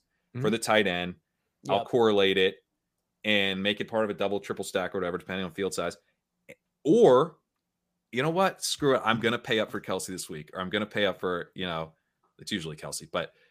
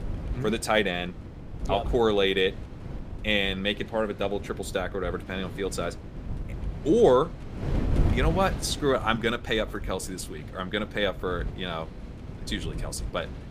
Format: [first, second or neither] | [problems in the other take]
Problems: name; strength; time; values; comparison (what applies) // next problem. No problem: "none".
first | wind noise on the microphone; occasional gusts; 15 dB below the speech